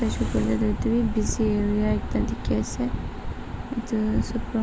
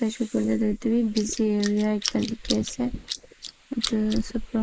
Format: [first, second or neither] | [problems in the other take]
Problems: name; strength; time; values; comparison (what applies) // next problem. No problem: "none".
first | noise reduction (neural mask model Resemble Enhance denoiser)